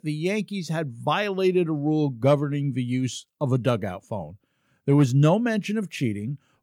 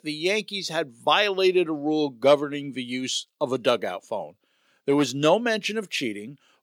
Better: first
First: none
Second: thin; somewhat; fading below 400 Hz

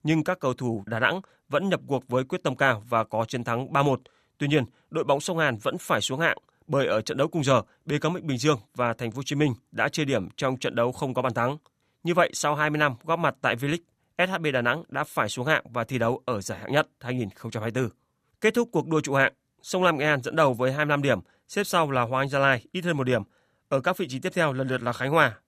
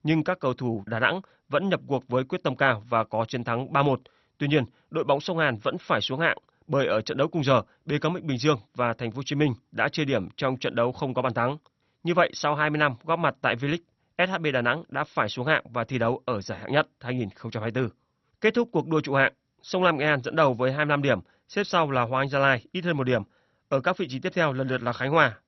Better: first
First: none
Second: garbled, watery; slightly; nothing above 6 kHz

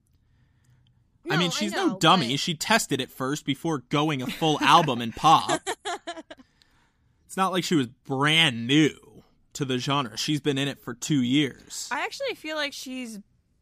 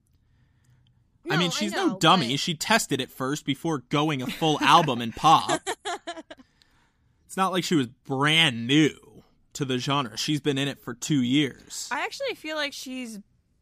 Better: neither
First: none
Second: none

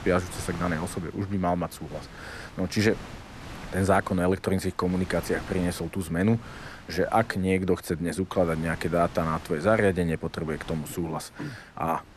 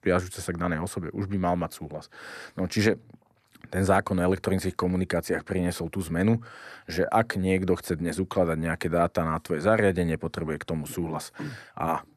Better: second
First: wind noise on the microphone; occasional gusts; 15 dB below the speech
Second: none

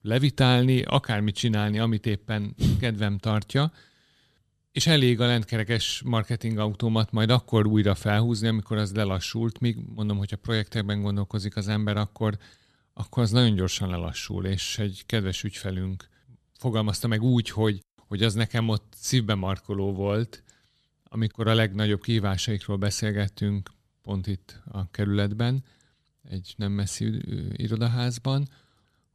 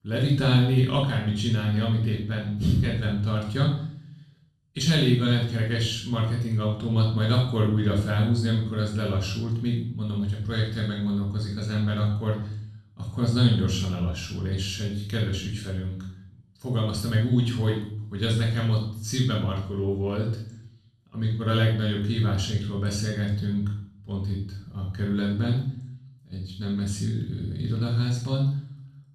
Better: first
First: none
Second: off-mic speech; far // room echo; noticeable; dies away in 0.6 s

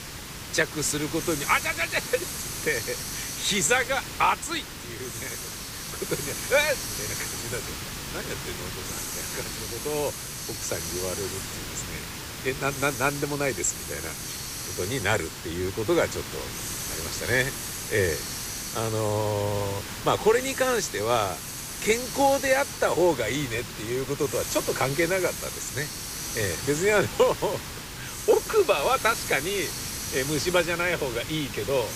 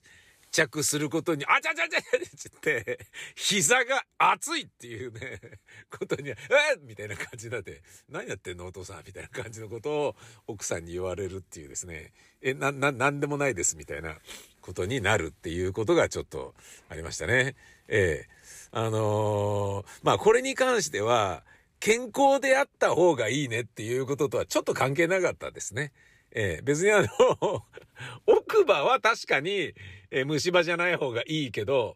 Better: second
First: hiss; loud; throughout; 6 dB below the speech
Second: none

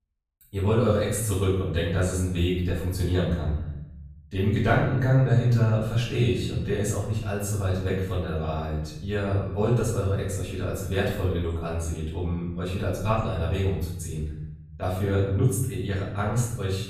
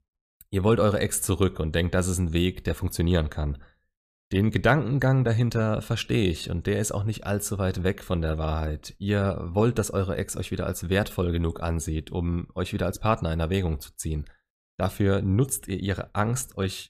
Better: second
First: off-mic speech; far // room echo; noticeable; dies away in 0.9 s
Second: none

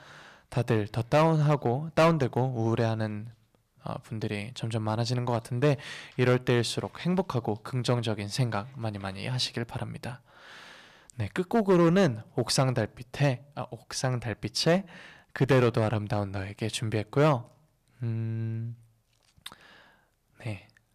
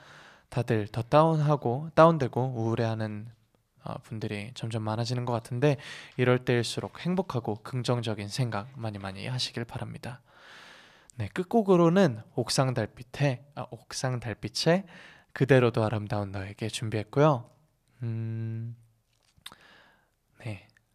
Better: second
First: distortion; slight; 2% of the sound clipped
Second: none

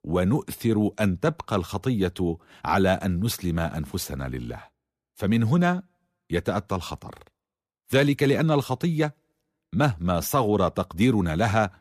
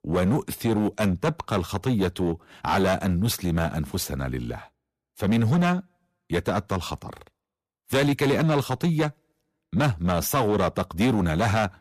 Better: first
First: none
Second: distortion; slight; 9% of the sound clipped

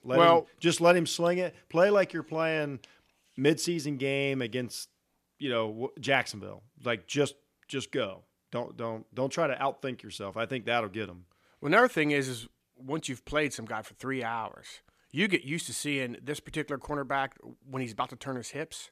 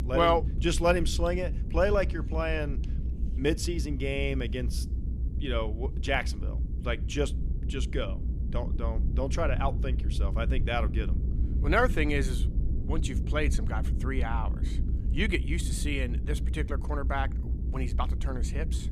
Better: first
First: none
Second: low rumble; noticeable; throughout; 15 dB below the speech

